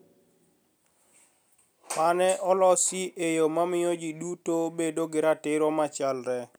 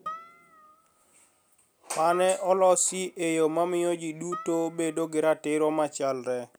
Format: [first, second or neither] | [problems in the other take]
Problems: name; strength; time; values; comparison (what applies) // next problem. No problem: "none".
first | background sound (Harp); 18 dB below the speech